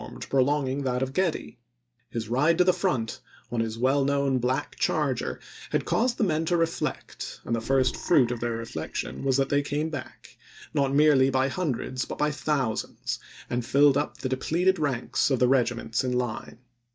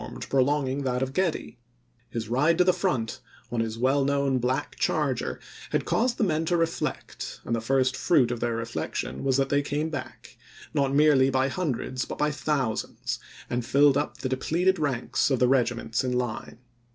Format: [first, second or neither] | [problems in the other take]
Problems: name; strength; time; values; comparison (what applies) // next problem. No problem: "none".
second | noise reduction (neural mask model DeepFilterNet 3)